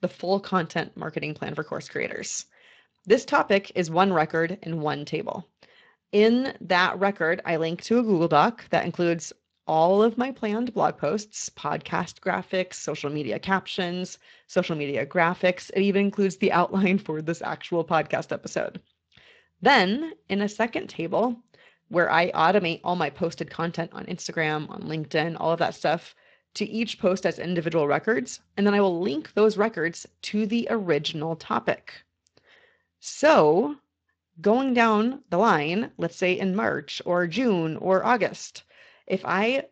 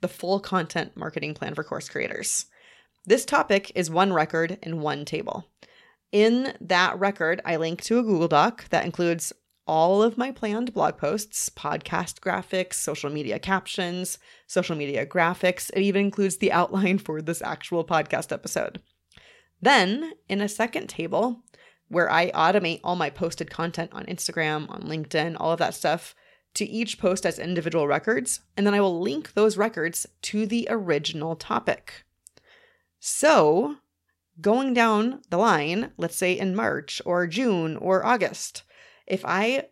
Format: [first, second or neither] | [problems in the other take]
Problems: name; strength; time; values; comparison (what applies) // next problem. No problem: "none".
second | garbled, watery; slightly; nothing above 7.5 kHz